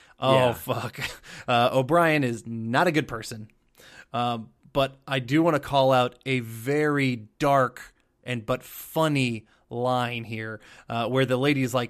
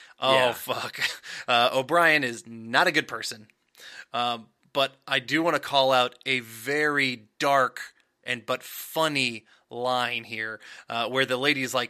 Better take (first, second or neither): first